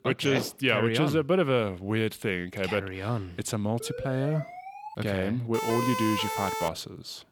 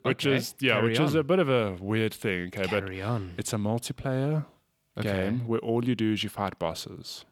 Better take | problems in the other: second | door banging; noticeable; at 0.5 s; peak 9 dB below the speech // siren; noticeable; from 4 to 5 s and from 5.5 to 6.5 s; peak 2 dB below the speech

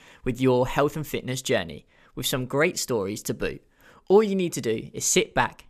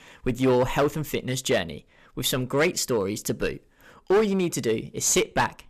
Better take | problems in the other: first | distortion; slight; 5% of the sound clipped

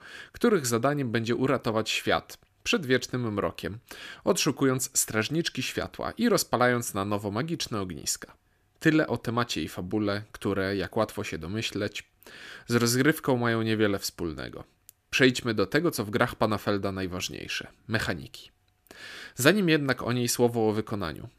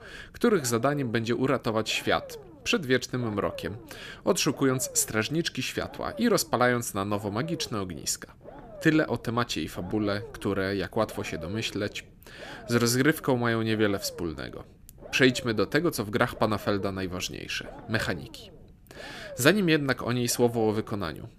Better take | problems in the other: first | low rumble; noticeable; throughout; 20 dB below the speech

